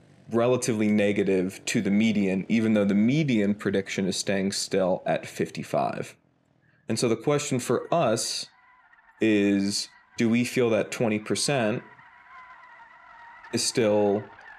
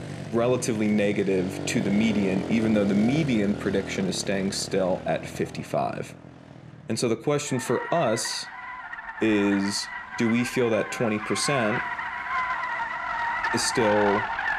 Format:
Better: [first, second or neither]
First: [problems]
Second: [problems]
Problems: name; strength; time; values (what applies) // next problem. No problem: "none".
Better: first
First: traffic noise; faint; throughout; 25 dB below the speech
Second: traffic noise; loud; throughout; 6 dB below the speech